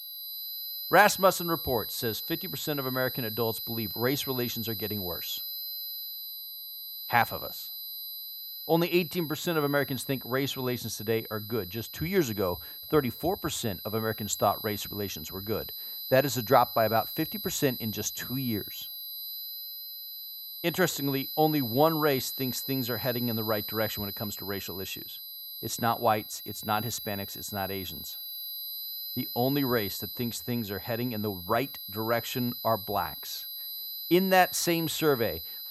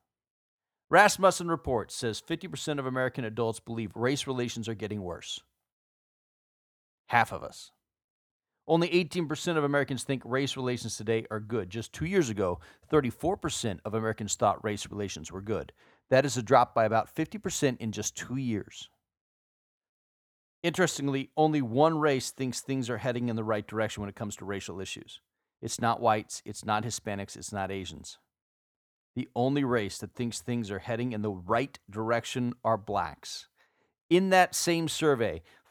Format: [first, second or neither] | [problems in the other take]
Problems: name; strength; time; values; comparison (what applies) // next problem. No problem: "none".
second | high-pitched whine; loud; throughout; 4 kHz, 6 dB below the speech